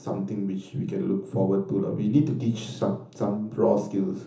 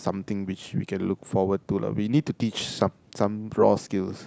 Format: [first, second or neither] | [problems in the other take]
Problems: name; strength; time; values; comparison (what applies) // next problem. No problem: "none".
second | room echo; dies away in 0.7 s